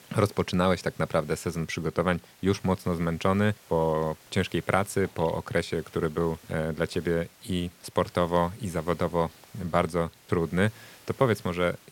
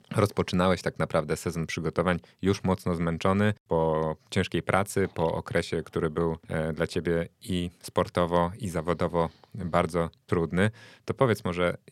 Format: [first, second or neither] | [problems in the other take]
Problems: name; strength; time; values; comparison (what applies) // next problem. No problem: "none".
second | hiss; faint; throughout; 25 dB below the speech